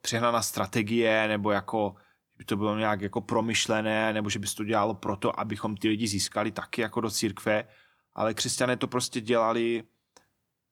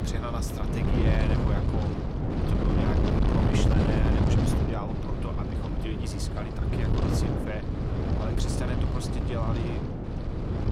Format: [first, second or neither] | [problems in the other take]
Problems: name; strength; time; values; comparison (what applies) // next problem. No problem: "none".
first | wind noise on the microphone; heavy; 4 dB above the speech